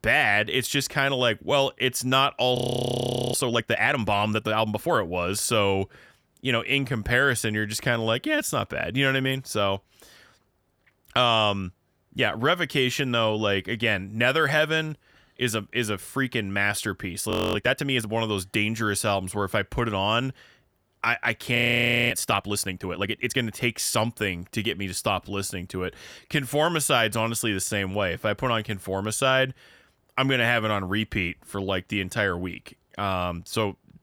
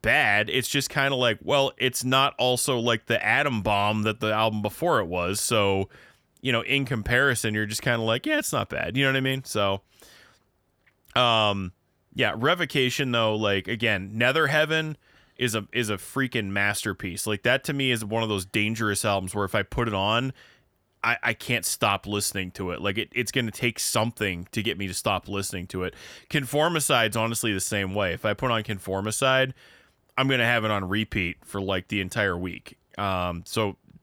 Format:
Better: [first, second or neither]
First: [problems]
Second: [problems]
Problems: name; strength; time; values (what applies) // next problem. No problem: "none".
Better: second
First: audio freezing; at 2.5 s for 1 s, at 17 s and at 22 s for 0.5 s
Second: none